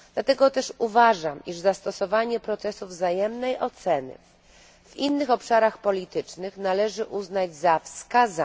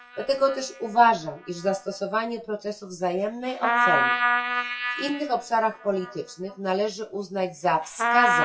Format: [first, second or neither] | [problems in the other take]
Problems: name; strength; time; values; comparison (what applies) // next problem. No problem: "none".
first | noise reduction (classical method WPE with log-MMSE)